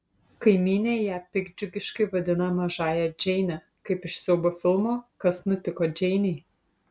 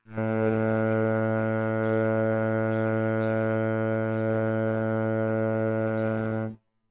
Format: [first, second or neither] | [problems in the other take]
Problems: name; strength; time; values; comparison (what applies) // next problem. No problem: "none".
first | noise reduction (neural separator model SepFormer WHAMR!)